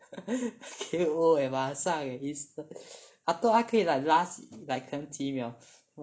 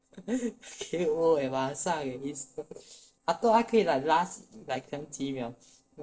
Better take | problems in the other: first | noise reduction (neural separator model SepFormer DNS4)

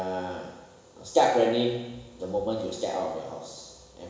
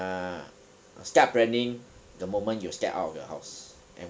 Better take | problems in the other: second | room echo; dies away in 1 s

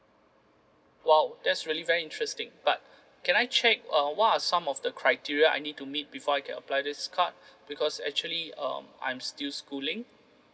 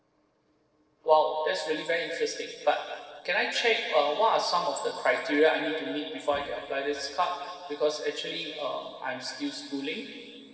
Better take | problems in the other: first | noise reduction (neural separator model SepFormer DNS4)

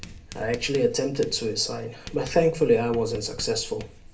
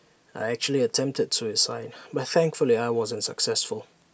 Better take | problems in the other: second | background sound (Writing); 16 dB below the speech // room echo; dies away in 0.3 s

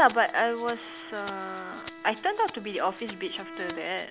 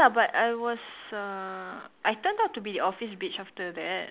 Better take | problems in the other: second | background sound (Rattle (instrument) + Bowed string instrument); 15 dB below the speech

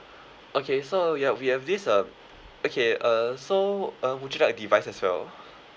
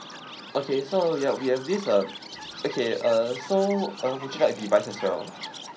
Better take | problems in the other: first | background sound (Chirp, tweet); 14 dB below the speech // room echo; dies away in 0.3 s

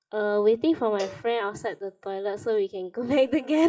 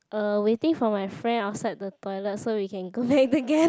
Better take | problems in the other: second | noise reduction (classical method WPE with log-MMSE)

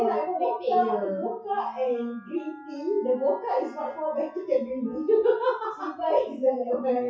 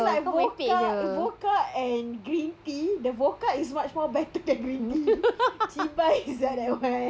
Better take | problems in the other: second | noise reduction (classical method WPE with log-MMSE)

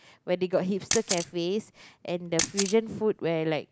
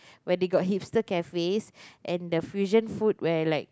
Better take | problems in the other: second | background sound (Camera); 6 dB below the speech

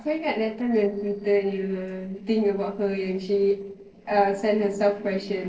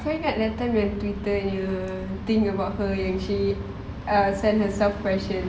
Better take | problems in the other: second | noise reduction (neural separator model SepFormer DNS4)

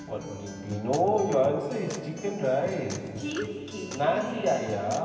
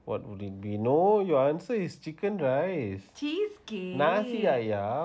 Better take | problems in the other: second | background sound (Acoustic guitar); 12 dB below the speech // room echo; dies away in 2.5 s

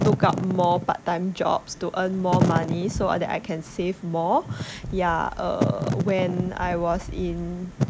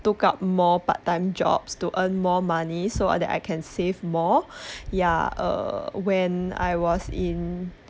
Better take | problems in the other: second | background sound (Wind / Fire); 4 dB below the speech

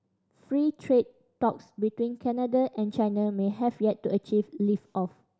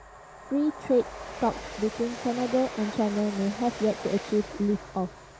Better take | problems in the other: first | background sound (Train); 12 dB below the speech

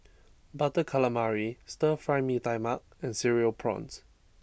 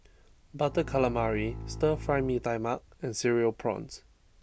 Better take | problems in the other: first | background sound (Bowed string instrument); 10 dB below the speech

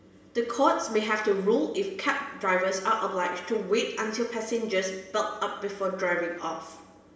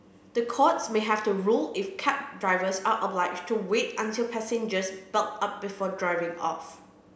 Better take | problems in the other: second | room echo; dies away in 1.1 s

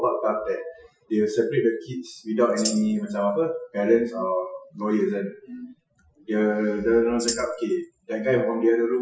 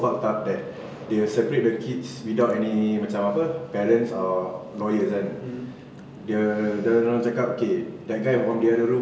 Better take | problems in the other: second | noise reduction (classical method Wiener filter)

